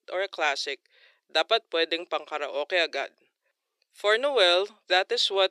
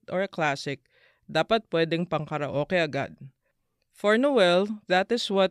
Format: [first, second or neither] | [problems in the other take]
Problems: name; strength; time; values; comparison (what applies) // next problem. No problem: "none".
second | thin; very; fading below 350 Hz